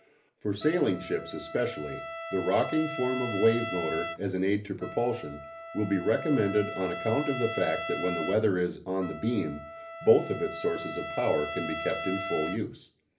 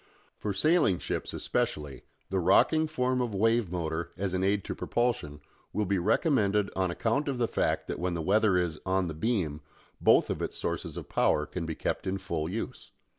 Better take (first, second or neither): second